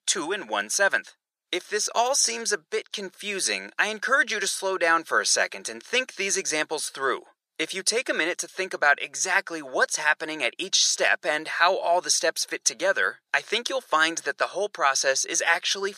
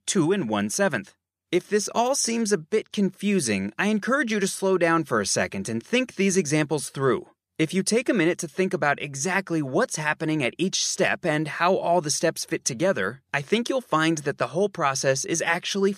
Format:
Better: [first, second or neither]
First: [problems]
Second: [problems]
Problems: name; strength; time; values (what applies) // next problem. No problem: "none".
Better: second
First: thin; very; fading below 650 Hz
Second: none